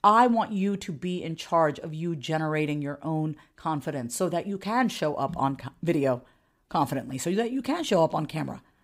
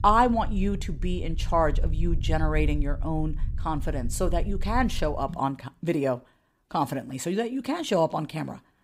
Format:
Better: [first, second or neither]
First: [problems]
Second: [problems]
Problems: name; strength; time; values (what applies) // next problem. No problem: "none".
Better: first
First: none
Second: low rumble; faint; until 5.5 s; 20 dB below the speech